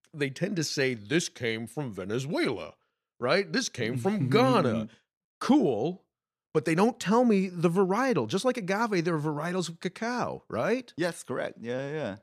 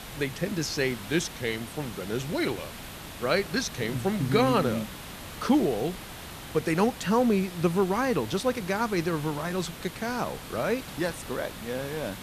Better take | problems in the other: first | hiss; noticeable; throughout; 10 dB below the speech

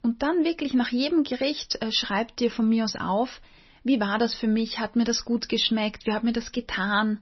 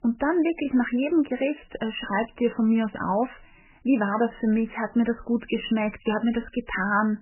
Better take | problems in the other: first | garbled, watery; badly; nothing above 3 kHz; slightly in the first

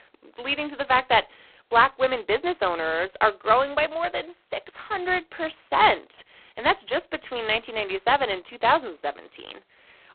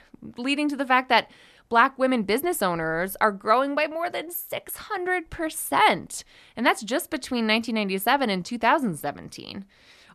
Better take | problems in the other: second | phone-call audio; poor line; nothing above 4 kHz

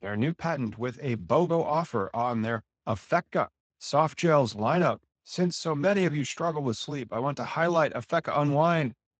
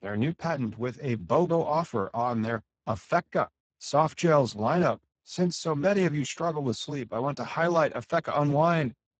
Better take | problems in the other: first | garbled, watery; badly; nothing above 7.5 kHz; slightly in the first

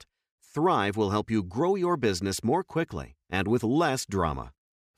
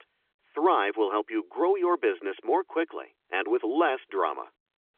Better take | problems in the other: first | phone-call audio; nothing above 3.5 kHz

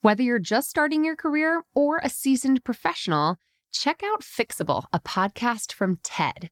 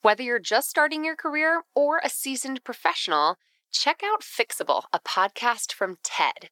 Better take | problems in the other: first | thin; somewhat; fading below 450 Hz

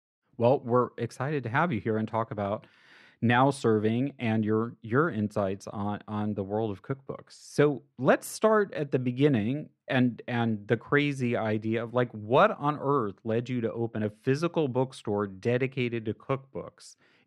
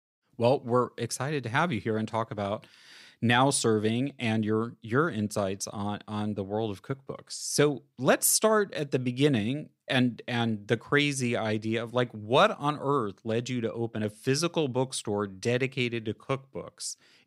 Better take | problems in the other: second | muffled; slightly; fading above 3.5 kHz

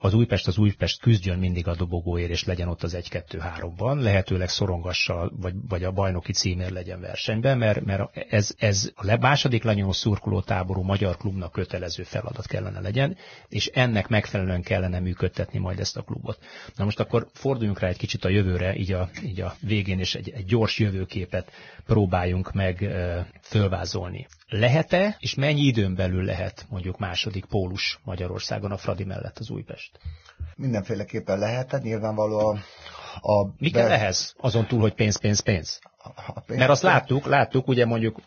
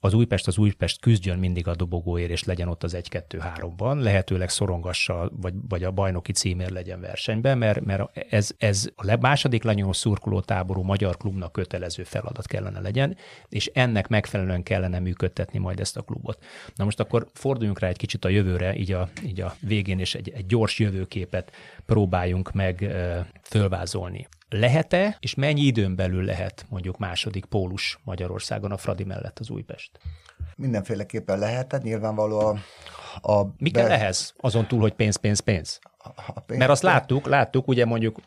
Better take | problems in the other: second | garbled, watery; badly; nothing above 6.5 kHz

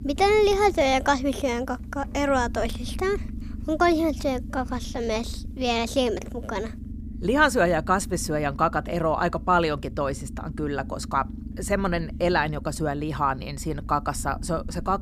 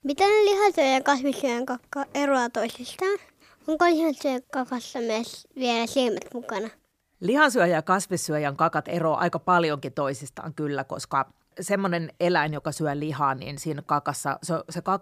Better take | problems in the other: second | low rumble; faint; throughout; 20 dB below the speech

